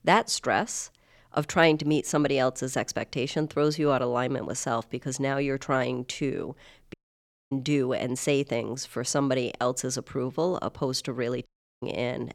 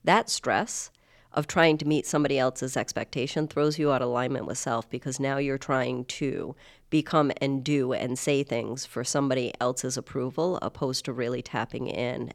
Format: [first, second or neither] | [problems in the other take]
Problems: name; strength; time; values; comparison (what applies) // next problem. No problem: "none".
second | audio cutting out; at 7 s for 0.5 s and at 11 s